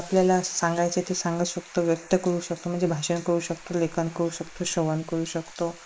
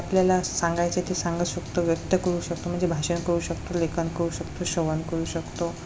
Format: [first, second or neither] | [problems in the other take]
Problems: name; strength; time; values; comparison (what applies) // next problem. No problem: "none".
second | noise reduction (neural mask model Resemble Enhance denoiser)